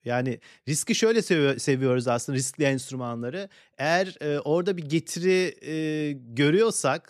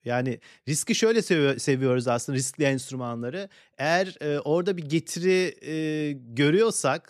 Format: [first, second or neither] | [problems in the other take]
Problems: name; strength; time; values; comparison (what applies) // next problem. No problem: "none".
neither | none